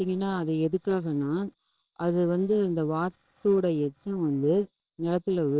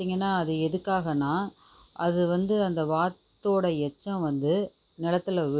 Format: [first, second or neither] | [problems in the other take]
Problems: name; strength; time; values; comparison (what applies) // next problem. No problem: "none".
second | noise reduction (neural separator model SepFormer WHAMR!)